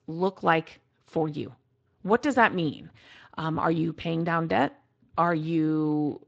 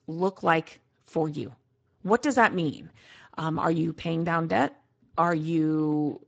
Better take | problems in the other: first | garbled, watery; badly; nothing above 7.5 kHz; slightly in the first

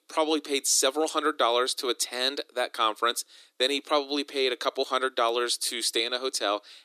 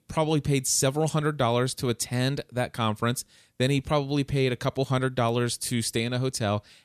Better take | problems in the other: second | thin; very; fading below 300 Hz

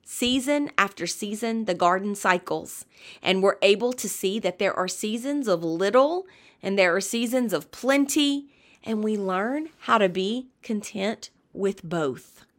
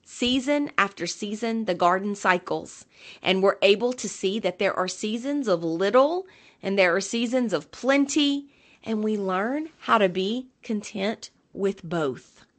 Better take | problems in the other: first | garbled, watery; slightly; nothing above 8 kHz

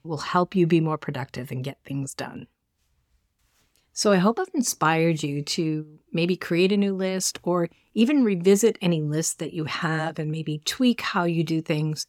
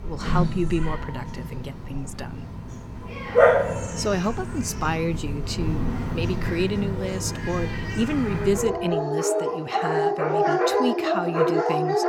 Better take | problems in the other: first | animal sounds; very loud; throughout; 3 dB above the speech

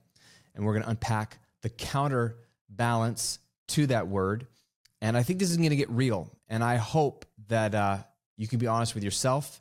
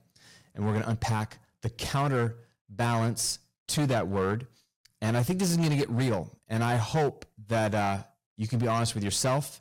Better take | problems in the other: first | distortion; slight; 10% of the sound clipped

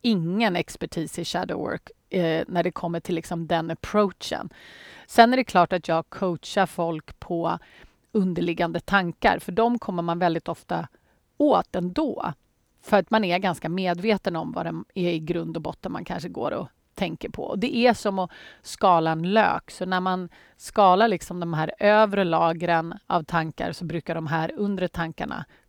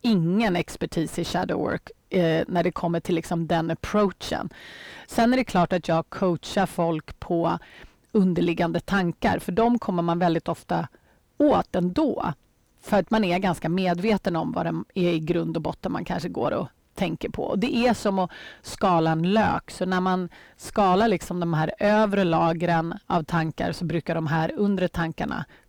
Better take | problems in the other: first | distortion; heavy; 7 dB below the speech

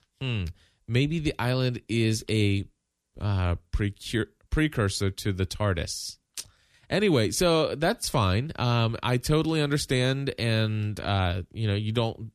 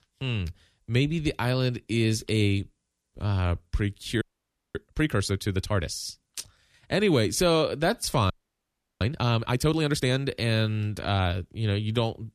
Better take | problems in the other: first | audio freezing; at 4 s for 0.5 s and at 8.5 s for 0.5 s

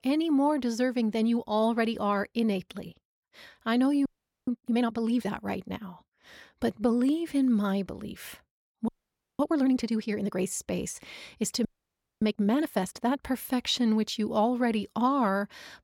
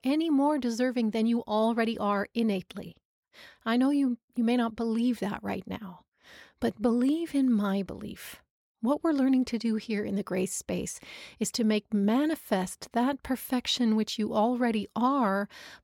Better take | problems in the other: second | audio freezing; at 4 s, at 9 s for 0.5 s and at 12 s for 0.5 s

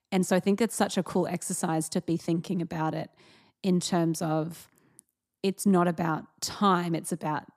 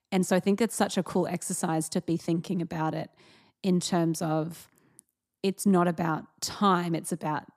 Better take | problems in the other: neither | none

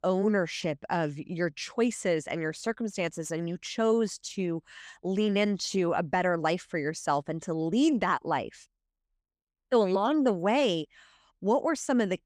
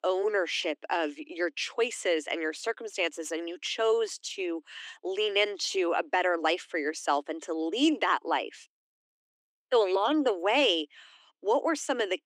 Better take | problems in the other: first | thin; somewhat; fading below 300 Hz

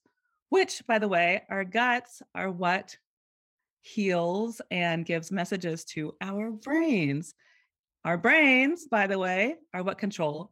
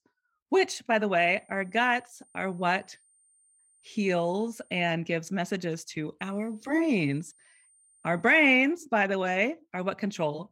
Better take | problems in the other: first | high-pitched whine; faint; from 1 to 5 s and from 6 to 8.5 s; 9 kHz, 35 dB below the speech

